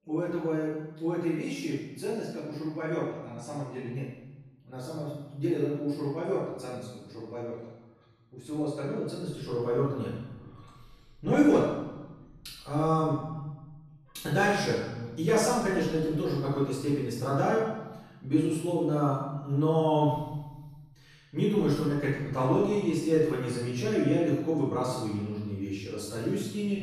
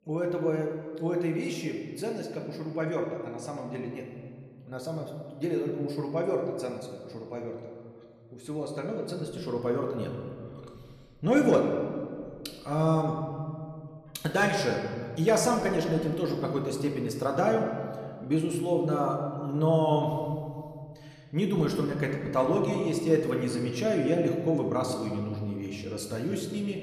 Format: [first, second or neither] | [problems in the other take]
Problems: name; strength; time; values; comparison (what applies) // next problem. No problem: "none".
second | room echo; strong; dies away in 1 s; slight in the second // off-mic speech; far